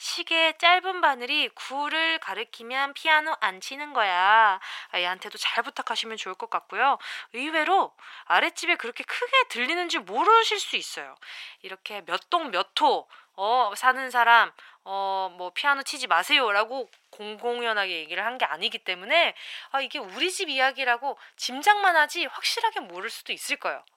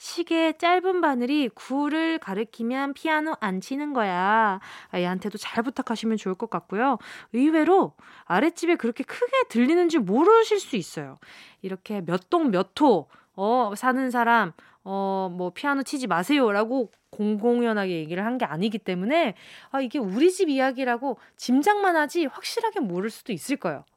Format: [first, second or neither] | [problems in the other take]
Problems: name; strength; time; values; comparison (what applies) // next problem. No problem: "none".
second | thin; very; fading below 850 Hz